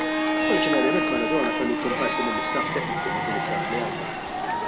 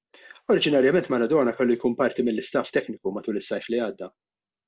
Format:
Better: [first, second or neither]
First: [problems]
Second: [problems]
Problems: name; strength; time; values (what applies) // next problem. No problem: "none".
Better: second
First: background sound (Crowd / Cheering + Bowed string instrument); 4 dB above the speech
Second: none